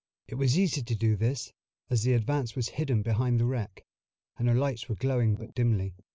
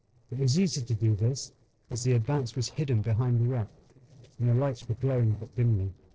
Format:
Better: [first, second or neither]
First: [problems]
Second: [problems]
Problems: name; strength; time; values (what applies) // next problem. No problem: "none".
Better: first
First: none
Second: noise reduction (neural separator model SepFormer DNS4)